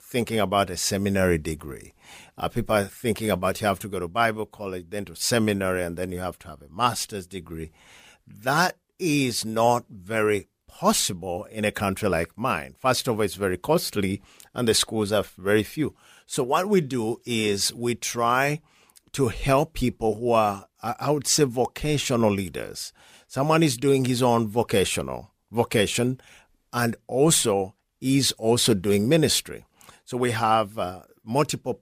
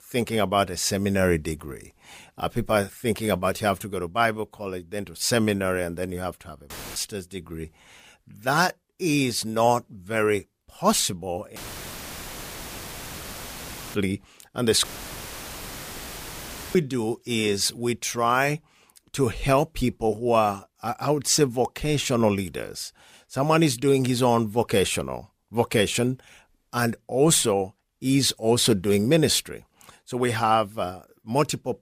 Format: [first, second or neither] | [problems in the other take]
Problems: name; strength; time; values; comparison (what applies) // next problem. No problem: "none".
first | audio cutting out; filled with static; at 6.5 s, at 12 s for 2.5 s and at 15 s for 2 s